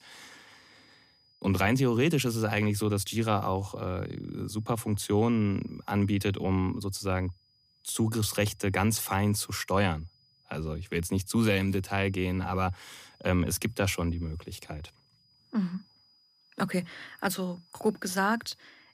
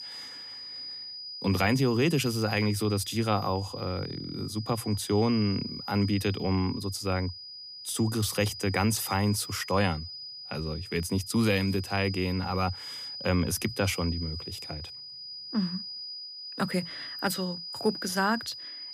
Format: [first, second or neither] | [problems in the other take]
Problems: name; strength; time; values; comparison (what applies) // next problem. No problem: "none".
first | high-pitched whine; loud; throughout; 5 kHz, 9 dB below the speech; faint in the first